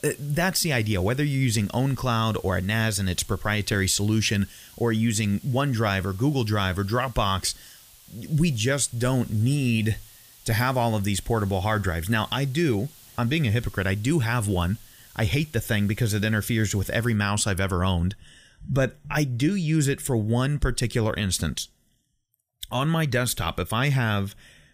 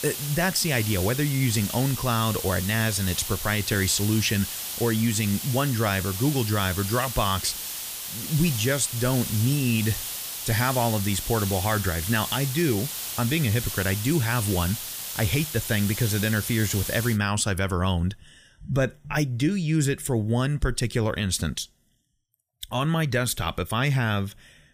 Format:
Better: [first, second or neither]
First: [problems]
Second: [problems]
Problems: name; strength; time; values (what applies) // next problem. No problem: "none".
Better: first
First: hiss; faint; until 17 s; 25 dB below the speech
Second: hiss; loud; until 17 s; 6 dB below the speech